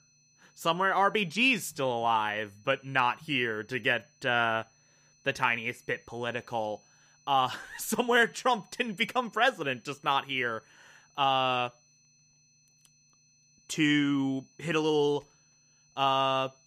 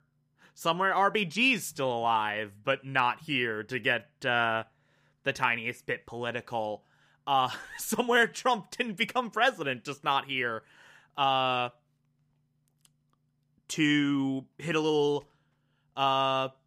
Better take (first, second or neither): second